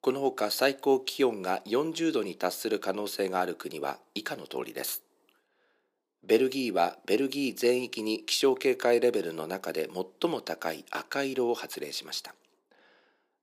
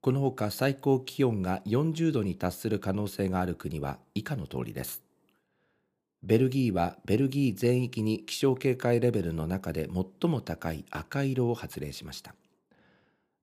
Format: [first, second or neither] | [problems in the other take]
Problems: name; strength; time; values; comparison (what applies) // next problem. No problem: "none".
second | thin; somewhat; fading below 350 Hz